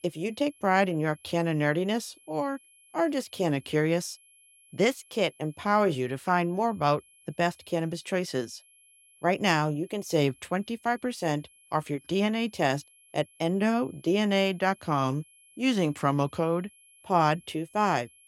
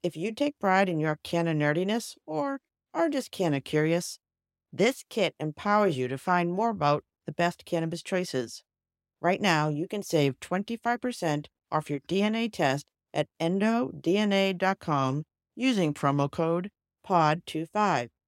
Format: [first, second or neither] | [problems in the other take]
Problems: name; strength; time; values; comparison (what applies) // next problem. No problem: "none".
second | high-pitched whine; faint; throughout; 11 kHz, 30 dB below the speech